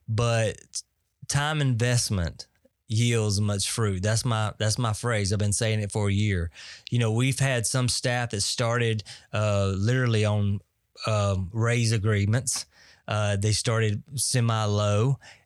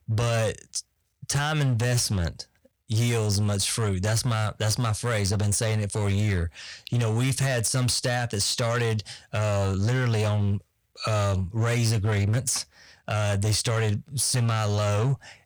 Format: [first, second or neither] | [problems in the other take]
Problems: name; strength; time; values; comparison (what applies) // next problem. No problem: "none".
first | distortion; slight; 15% of the sound clipped